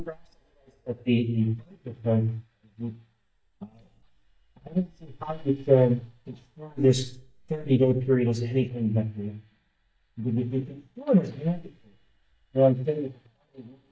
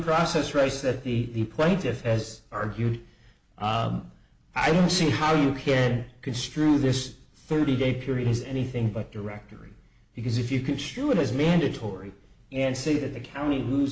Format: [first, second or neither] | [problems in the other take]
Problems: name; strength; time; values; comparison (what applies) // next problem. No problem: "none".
second | noise reduction (neural mask model DeepFilterNet 3)